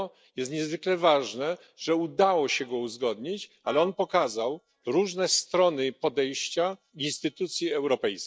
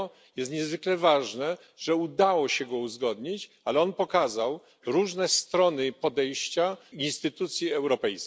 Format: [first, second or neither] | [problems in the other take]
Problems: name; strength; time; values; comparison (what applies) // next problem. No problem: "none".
second | noise reduction (neural mask model DeepFilterNet 3)